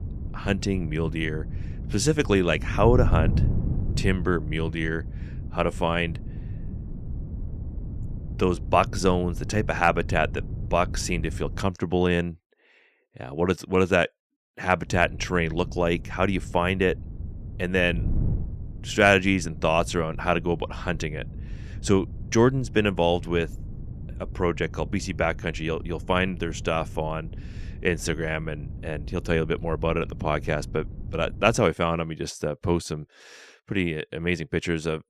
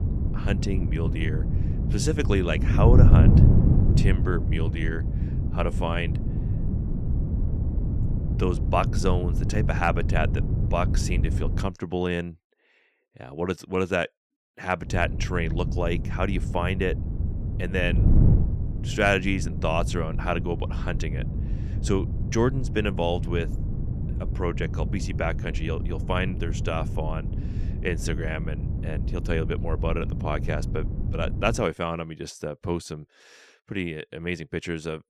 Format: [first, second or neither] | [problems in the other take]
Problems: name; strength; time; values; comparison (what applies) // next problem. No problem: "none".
first | wind noise on the microphone; heavy; until 12 s and from 15 to 32 s; 8 dB below the speech; occasional gusts in the first